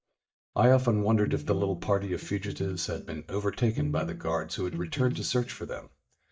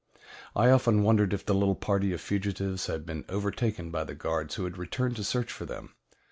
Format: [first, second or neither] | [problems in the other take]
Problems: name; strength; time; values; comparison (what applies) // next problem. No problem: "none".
second | noise reduction (neural mask model DeepFilterNet 3)